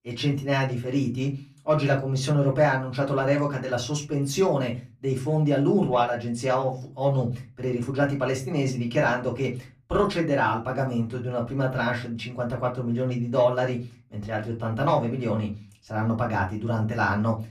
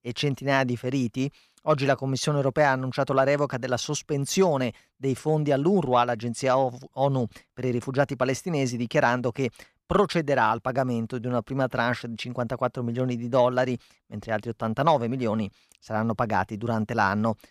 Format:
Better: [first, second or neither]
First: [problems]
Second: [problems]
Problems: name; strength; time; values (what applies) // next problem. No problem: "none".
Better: second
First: off-mic speech; far // room echo; very slight; dies away in 0.3 s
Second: none